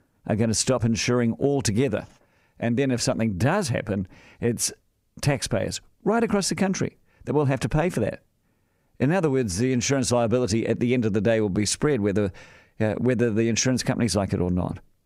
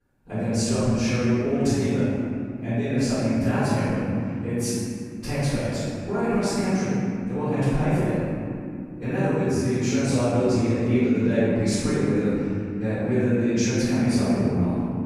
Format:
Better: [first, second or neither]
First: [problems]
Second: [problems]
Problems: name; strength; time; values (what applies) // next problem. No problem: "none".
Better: first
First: none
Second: off-mic speech; far // room echo; strong; dies away in 3 s